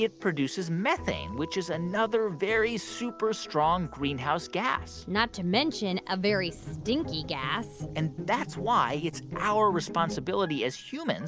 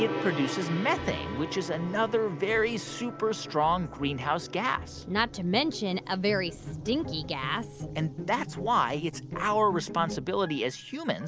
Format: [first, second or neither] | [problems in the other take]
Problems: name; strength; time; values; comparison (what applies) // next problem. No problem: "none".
first | background sound (Gong); 12 dB below the speech